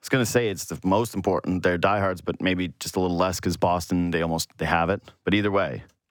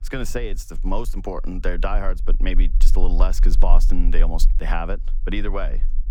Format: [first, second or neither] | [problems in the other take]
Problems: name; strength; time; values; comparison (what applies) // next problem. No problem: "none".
first | low rumble; faint; throughout; 20 dB below the speech